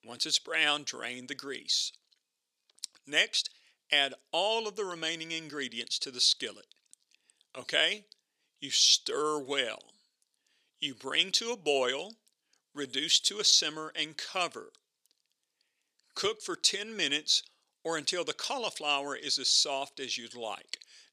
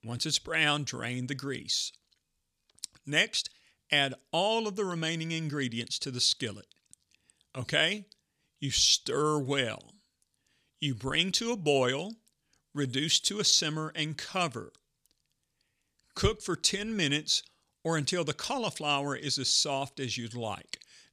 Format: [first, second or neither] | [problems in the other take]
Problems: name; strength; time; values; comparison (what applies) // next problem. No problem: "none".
second | thin; somewhat; fading below 400 Hz